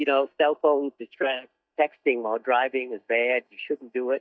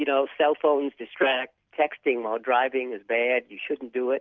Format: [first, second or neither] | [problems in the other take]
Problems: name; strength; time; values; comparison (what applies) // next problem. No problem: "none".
second | noise reduction (neural mask model DeepFilterNet 3)